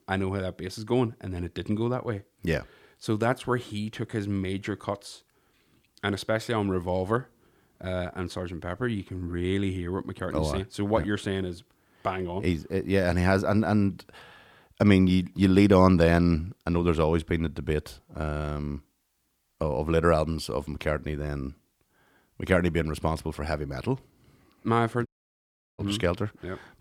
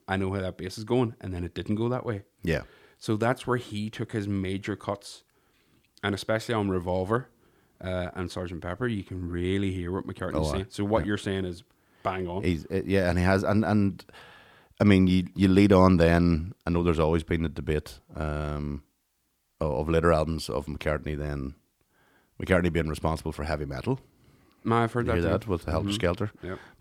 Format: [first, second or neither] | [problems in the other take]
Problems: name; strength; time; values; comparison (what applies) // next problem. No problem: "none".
second | audio cutting out; at 25 s for 0.5 s